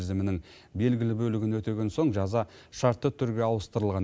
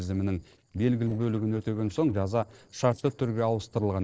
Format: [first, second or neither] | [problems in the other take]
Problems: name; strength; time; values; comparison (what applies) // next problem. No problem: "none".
first | noise reduction (neural separator model SepFormer DNS4)